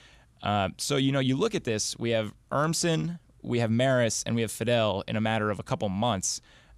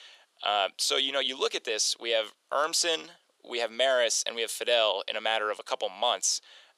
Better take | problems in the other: first | thin; very; fading below 450 Hz

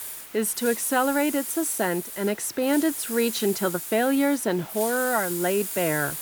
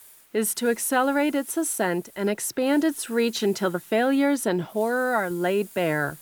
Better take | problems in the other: second | hiss; loud; throughout; 7 dB below the speech; faint in the second

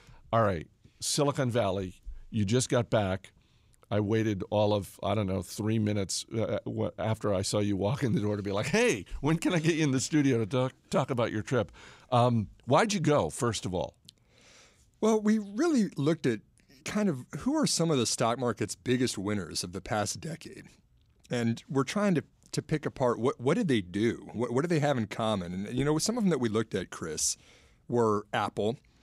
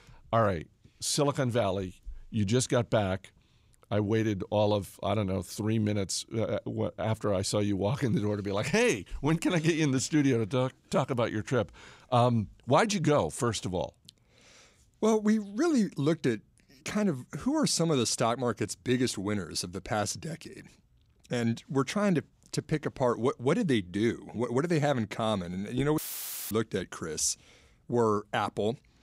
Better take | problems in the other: first | audio cutting out; filled with static; at 26 s for 0.5 s

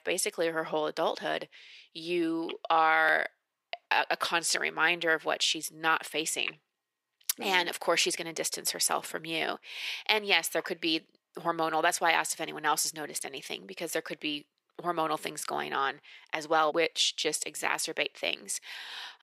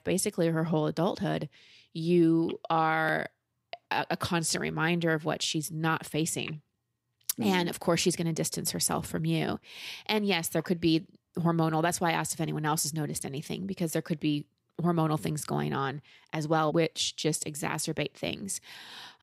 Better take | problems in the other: second | thin; very; fading below 500 Hz

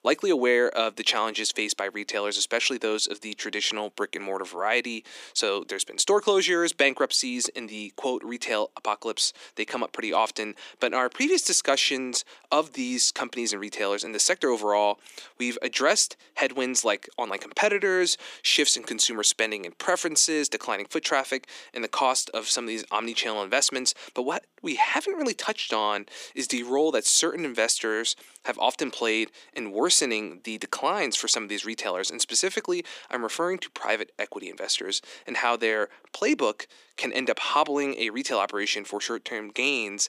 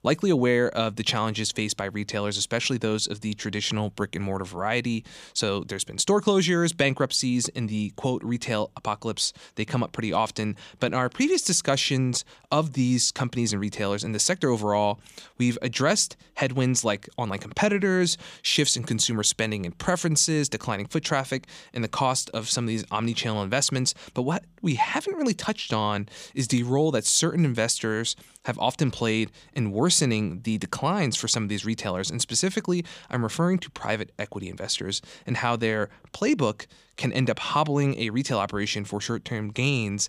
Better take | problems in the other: second | thin; somewhat; fading below 300 Hz

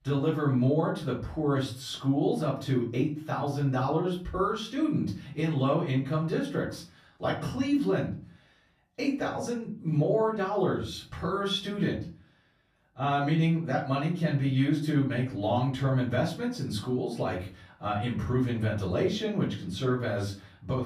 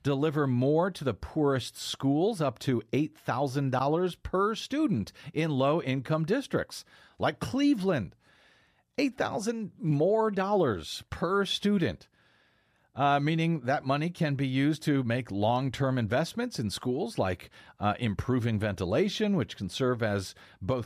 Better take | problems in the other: second | off-mic speech; far // room echo; slight; dies away in 0.4 s

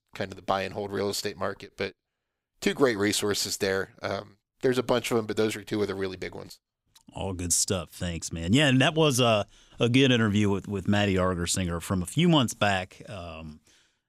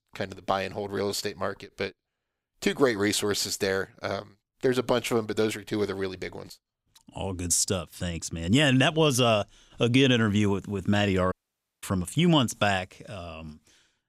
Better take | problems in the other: first | audio cutting out; at 11 s for 0.5 s

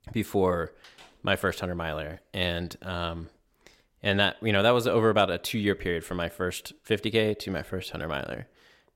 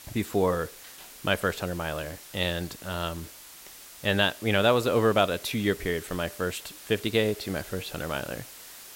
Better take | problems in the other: first | hiss; noticeable; throughout; 15 dB below the speech

